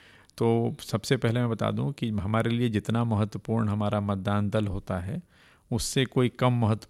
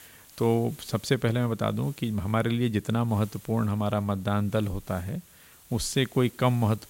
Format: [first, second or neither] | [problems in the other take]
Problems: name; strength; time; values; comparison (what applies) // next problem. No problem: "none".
first | hiss; faint; throughout; 20 dB below the speech